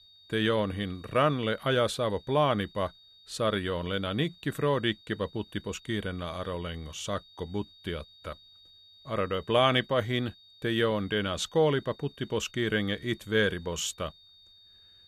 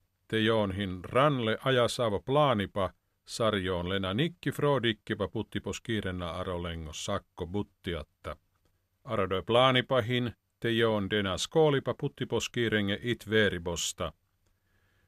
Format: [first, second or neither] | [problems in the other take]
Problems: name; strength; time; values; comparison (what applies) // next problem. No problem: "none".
second | high-pitched whine; faint; throughout; 3.5 kHz, 25 dB below the speech